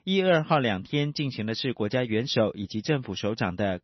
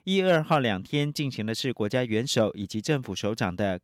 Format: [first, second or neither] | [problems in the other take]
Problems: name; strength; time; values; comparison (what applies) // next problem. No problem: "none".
second | garbled, watery; slightly; nothing above 6 kHz